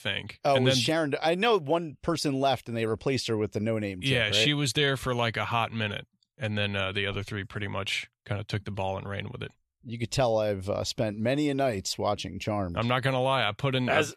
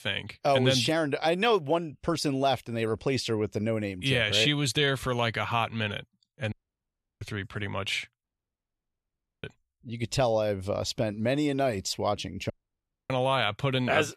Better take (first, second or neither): first